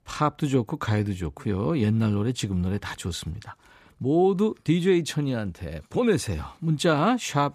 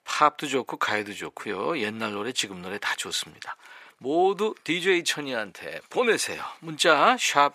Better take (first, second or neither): first